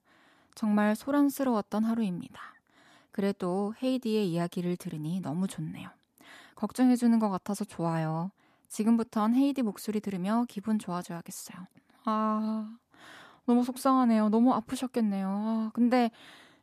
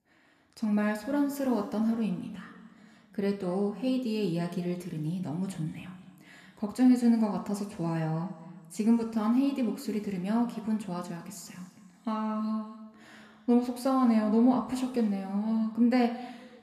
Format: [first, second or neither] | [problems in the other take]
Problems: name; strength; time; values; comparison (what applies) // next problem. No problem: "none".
first | room echo; slight; dies away in 1.7 s